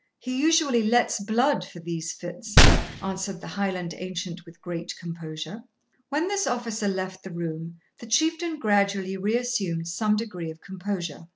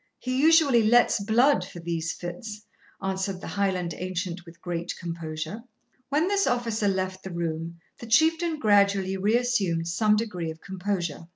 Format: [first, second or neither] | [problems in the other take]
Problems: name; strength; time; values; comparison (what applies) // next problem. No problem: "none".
second | background sound (Gunshot, gunfire); 5 dB above the speech